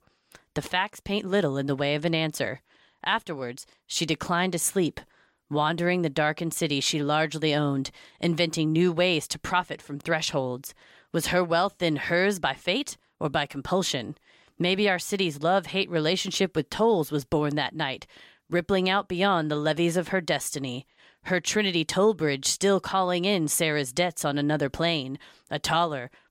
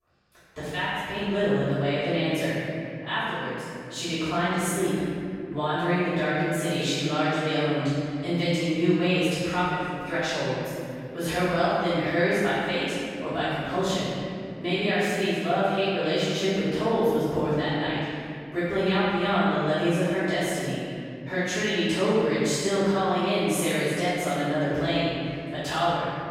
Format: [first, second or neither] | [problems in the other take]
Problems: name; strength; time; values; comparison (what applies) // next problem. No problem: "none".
first | off-mic speech; far // room echo; strong; dies away in 2.5 s